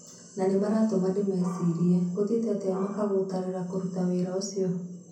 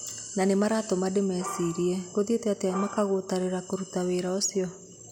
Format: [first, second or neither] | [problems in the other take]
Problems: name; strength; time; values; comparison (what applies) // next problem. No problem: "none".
second | room echo; dies away in 0.6 s